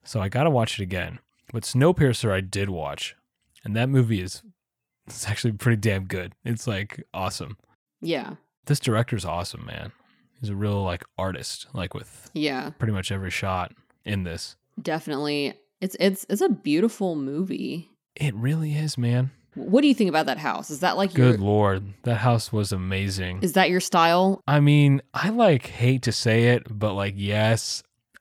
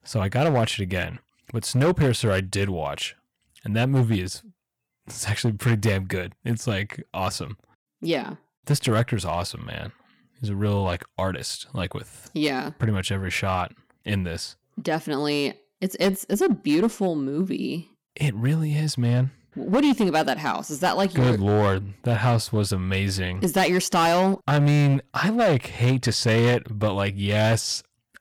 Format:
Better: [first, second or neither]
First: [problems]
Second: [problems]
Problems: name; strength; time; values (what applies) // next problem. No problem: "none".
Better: first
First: none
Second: distortion; slight; 6% of the sound clipped